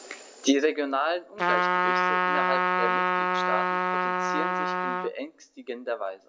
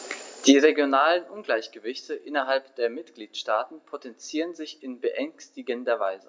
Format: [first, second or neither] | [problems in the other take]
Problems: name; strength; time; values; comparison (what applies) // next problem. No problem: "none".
second | background sound (Trumpet); 4 dB above the speech